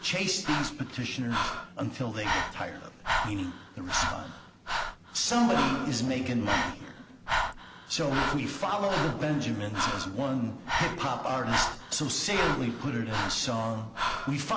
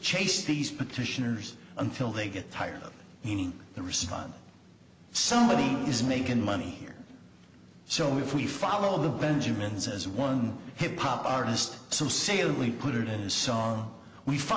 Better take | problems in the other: second | background sound (Breathing); 3 dB below the speech

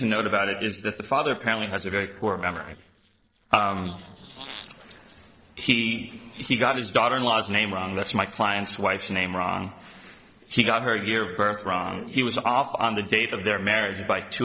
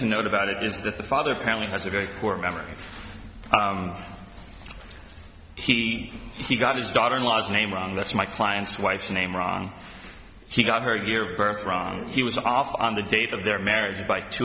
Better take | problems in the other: second | noise reduction (neural separator model SepFormer DNS4)

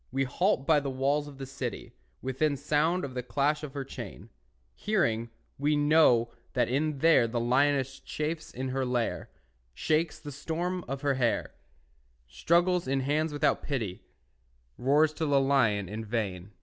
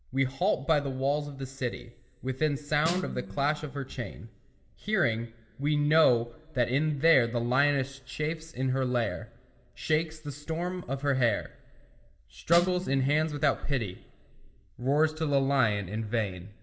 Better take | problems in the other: first | background sound (Snare drum); 12 dB below the speech // room echo; dies away in 1 s

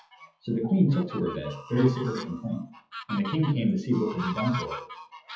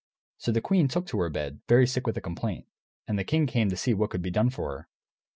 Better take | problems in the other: second | noise reduction (classical method WPE with log-MMSE)

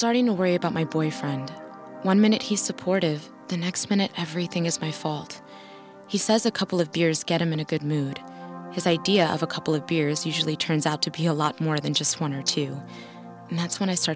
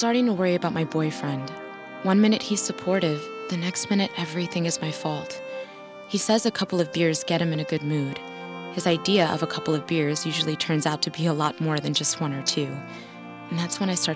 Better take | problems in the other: first | background sound (Bowed string instrument); 15 dB below the speech

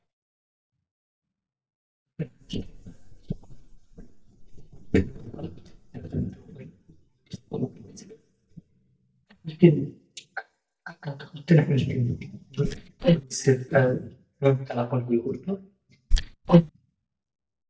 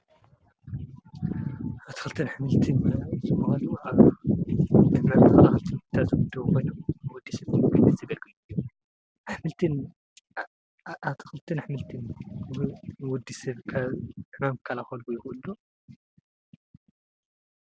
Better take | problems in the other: second | noise reduction (neural mask model DeepFilterNet 3)

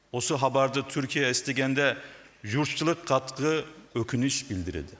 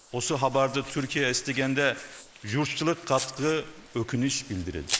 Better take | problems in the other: first | noise reduction (neural mask model Resemble Enhance denoiser)

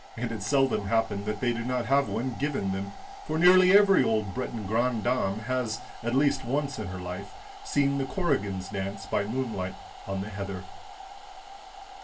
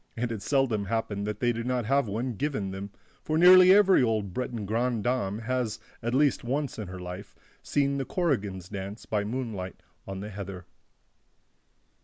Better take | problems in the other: second | background sound (Domestic sounds, home sounds); 16 dB below the speech // room echo; dies away in 0.2 s

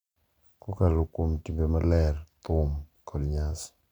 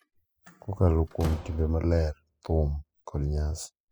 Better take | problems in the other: first | noise reduction (classical method spectral subtraction)

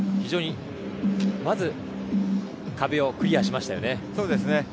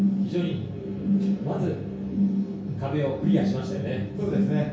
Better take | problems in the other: first | room echo; dies away in 0.6 s

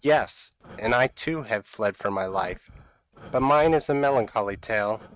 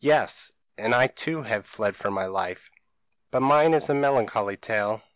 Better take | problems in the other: second | noise reduction (neural mask model RNNoise)

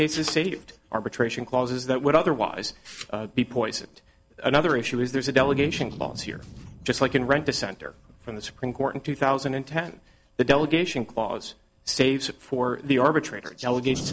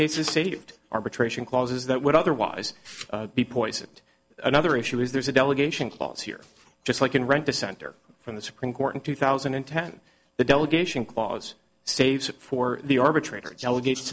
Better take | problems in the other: second | background sound (Thunder); 18 dB below the speech

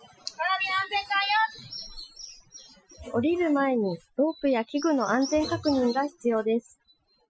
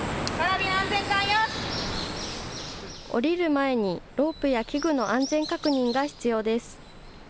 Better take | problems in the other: second | noise reduction (classical method Wiener filter)

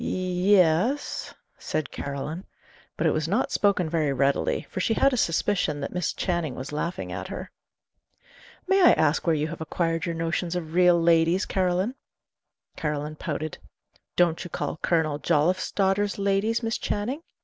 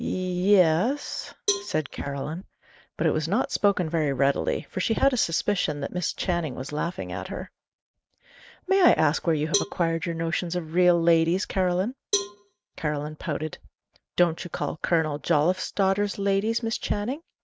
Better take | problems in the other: first | noise reduction (neural mask model RNNoise)

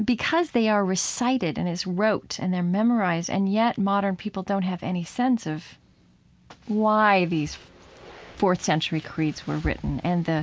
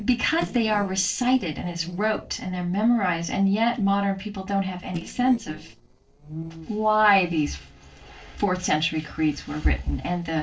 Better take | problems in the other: first | noise reduction (neural separator model SepFormer DNS4)

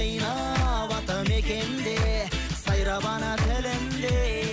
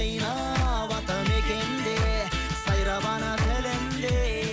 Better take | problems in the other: first | background sound (Trumpet); 11 dB below the speech

